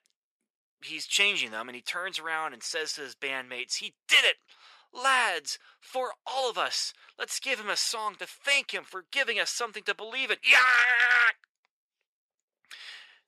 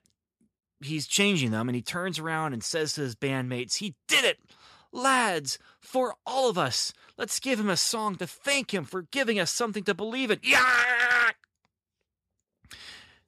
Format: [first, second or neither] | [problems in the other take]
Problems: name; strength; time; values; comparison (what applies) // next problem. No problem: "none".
second | thin; very; fading below 550 Hz